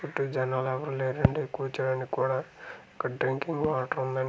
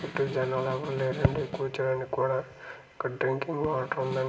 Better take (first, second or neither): first